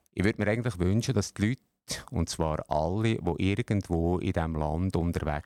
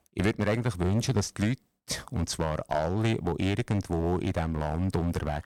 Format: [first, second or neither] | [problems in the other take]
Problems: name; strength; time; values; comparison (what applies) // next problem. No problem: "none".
first | distortion; slight; 6% of the sound clipped